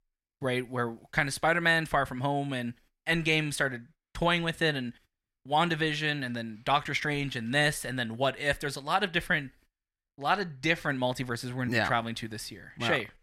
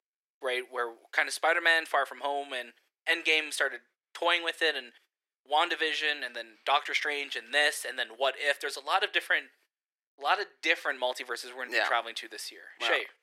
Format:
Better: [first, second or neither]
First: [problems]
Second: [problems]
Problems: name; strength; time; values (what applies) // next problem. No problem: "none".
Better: first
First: none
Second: thin; very; fading below 350 Hz